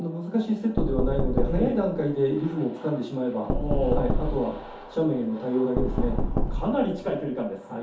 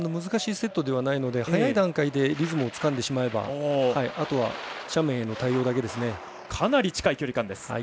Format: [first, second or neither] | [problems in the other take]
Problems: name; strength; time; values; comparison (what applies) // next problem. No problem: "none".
second | background sound (Knock); 1 dB below the speech // room echo; dies away in 0.5 s